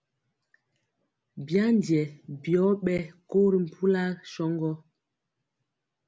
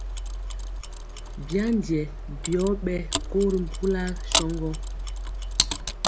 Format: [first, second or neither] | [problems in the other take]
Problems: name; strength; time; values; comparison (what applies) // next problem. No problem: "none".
first | background sound (Mechanisms + Mechanisms); 1 dB below the speech